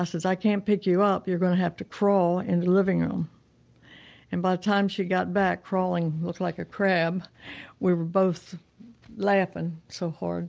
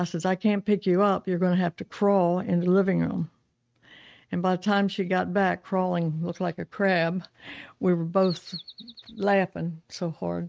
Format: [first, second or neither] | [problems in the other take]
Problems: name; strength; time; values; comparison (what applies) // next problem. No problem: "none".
first | noise reduction (neural mask model RNNoise)